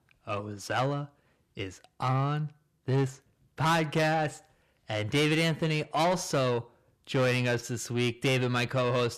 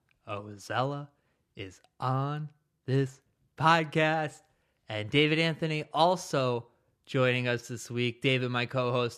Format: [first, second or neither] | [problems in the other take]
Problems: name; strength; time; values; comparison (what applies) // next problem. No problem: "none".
second | distortion; heavy; 8 dB below the speech